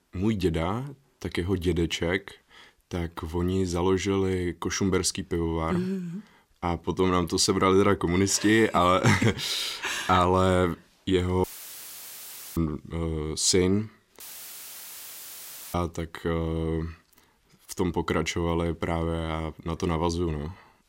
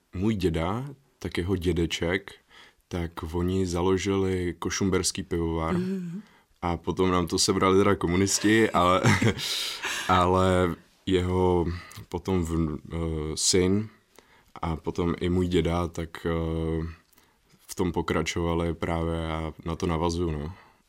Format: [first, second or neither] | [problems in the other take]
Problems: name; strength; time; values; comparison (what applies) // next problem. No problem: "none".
second | audio cutting out; filled with static; at 11 s for 1 s and at 14 s for 1.5 s